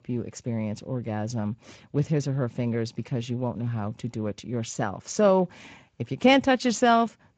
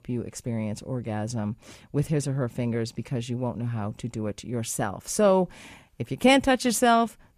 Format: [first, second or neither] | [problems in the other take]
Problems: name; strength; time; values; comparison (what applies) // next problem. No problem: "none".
second | garbled, watery; slightly; nothing above 7.5 kHz